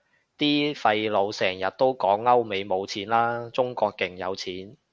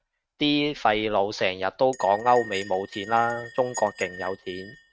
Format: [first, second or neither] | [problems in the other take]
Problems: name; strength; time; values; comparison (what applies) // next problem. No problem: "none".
first | noise reduction (neural mask model RNNoise)